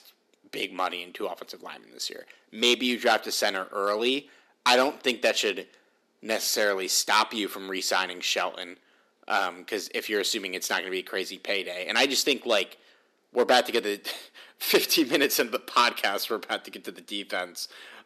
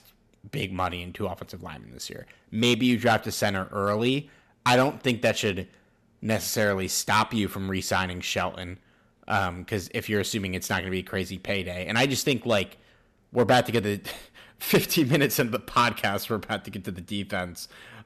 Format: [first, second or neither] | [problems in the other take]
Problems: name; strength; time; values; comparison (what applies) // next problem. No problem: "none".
second | thin; somewhat; fading below 300 Hz